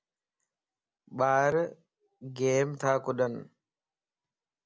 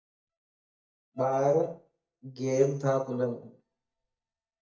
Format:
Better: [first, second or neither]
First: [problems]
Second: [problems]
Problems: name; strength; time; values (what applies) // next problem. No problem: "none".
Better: first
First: none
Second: noise reduction (neural mask model DeepFilterNet 3)